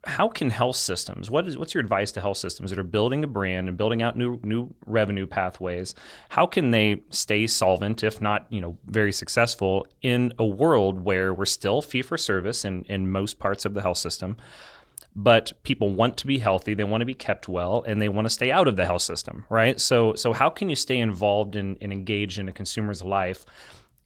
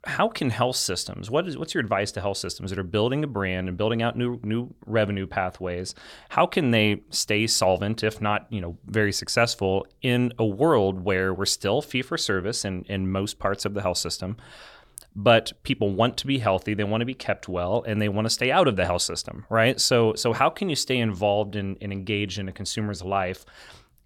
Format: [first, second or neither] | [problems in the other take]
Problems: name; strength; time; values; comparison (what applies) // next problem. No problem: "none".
second | garbled, watery; slightly; nothing above 18.5 kHz